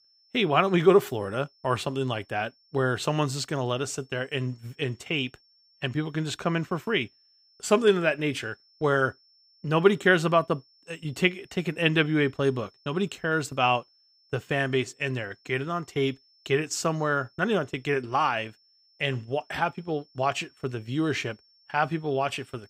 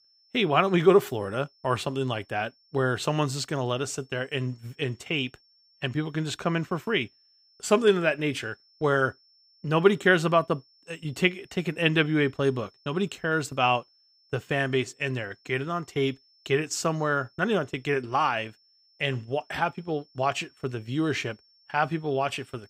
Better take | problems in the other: neither | high-pitched whine; faint; throughout; 5.5 kHz, 35 dB below the speech; the same in both

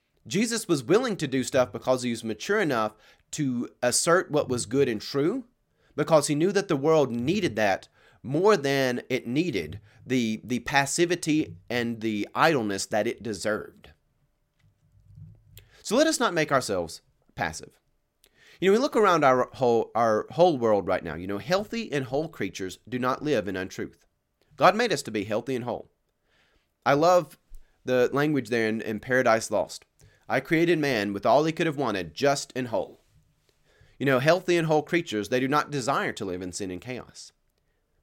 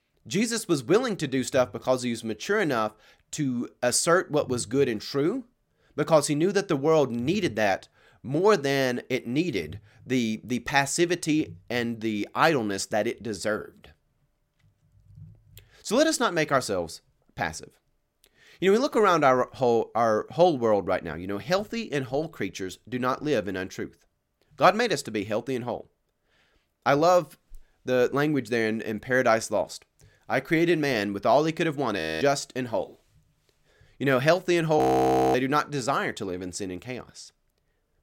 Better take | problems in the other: first | audio freezing; at 32 s and at 35 s for 0.5 s

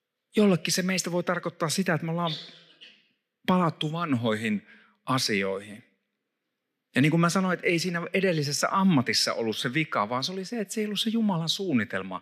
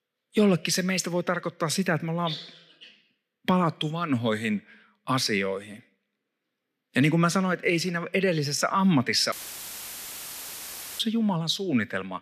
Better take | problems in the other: first | audio cutting out; filled with static; at 9.5 s for 1.5 s

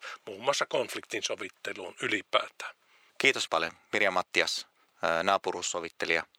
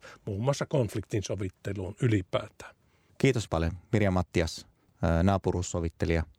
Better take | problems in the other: second | thin; very; fading below 550 Hz

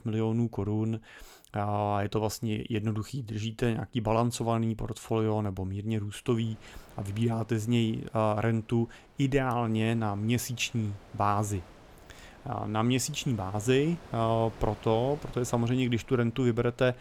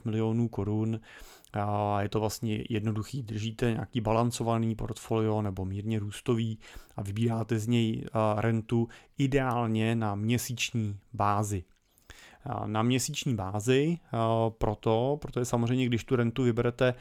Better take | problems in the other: second | wind noise on the microphone; occasional gusts; from 6.5 s on; 20 dB below the speech

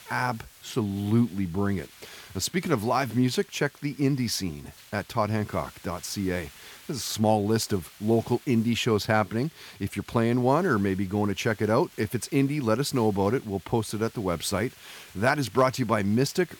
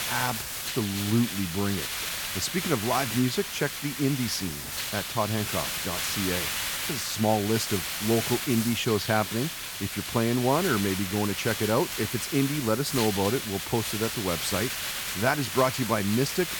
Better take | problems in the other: first | hiss; loud; throughout; 3 dB below the speech; faint in the first

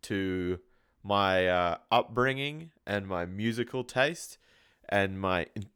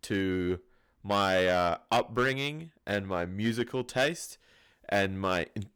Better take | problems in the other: first | distortion; slight; 4% of the sound clipped

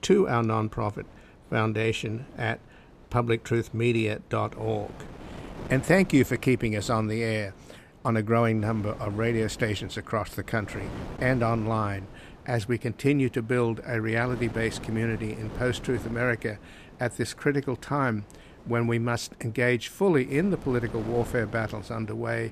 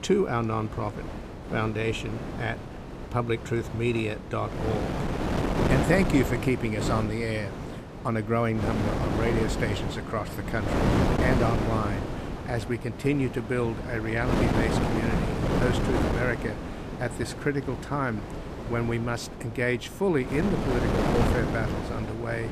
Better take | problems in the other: first | wind noise on the microphone; heavy; 2 dB below the speech; occasional gusts in the first

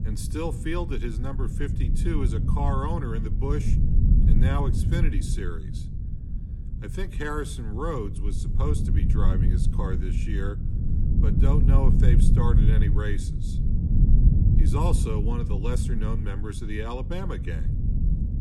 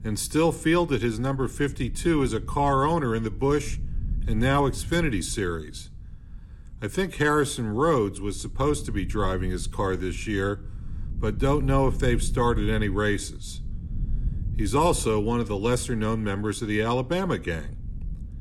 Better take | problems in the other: second | low rumble; loud; throughout; 4 dB below the speech; faint in the second

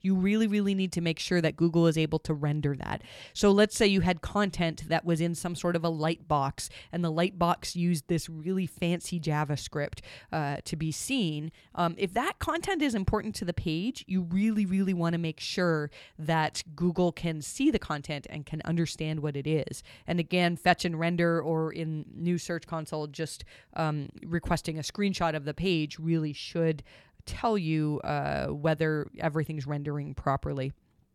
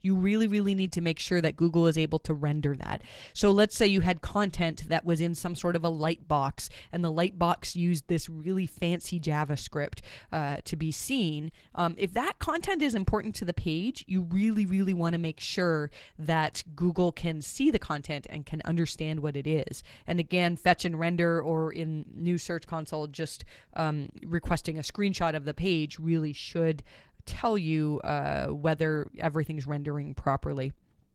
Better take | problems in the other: first | garbled, watery; slightly; nothing above 18.5 kHz

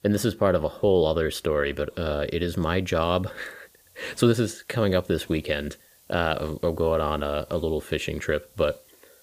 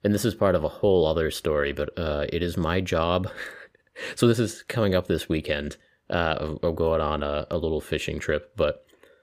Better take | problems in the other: second | hiss; faint; throughout; 30 dB below the speech

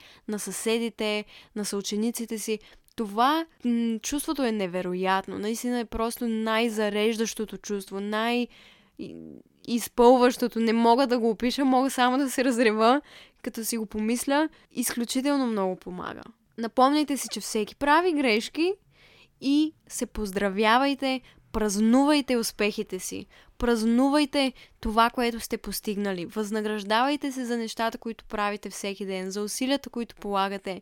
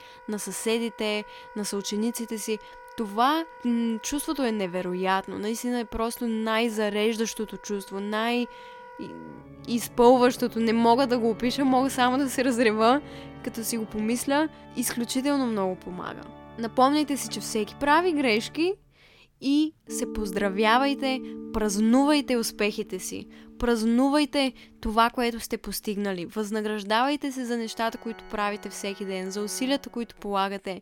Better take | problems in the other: first | background music; noticeable; throughout; 20 dB below the speech

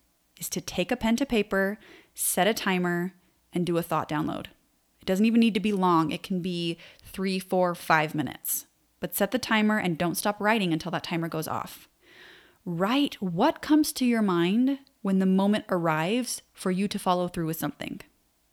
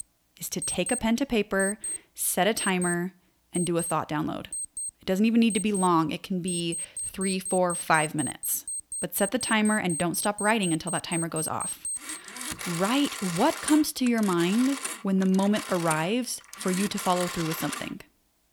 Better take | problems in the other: first | alarms or sirens; loud; throughout; 6 dB below the speech

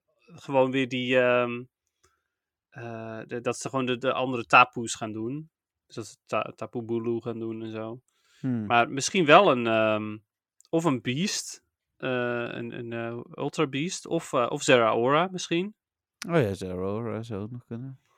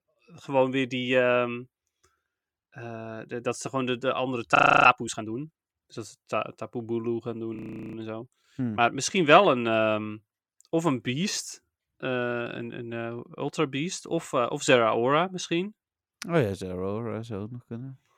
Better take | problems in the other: first | audio freezing; at 4.5 s and at 7.5 s

